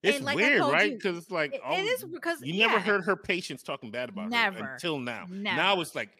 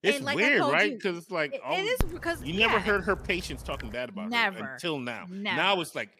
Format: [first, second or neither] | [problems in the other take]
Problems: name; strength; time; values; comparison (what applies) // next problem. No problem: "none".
first | dog barking; noticeable; from 2 to 4 s; peak 8 dB below the speech